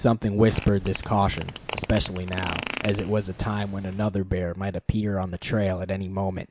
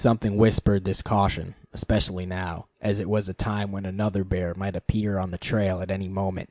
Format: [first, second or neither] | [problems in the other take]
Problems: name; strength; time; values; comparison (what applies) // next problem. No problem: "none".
second | background sound (Fart); 11 dB below the speech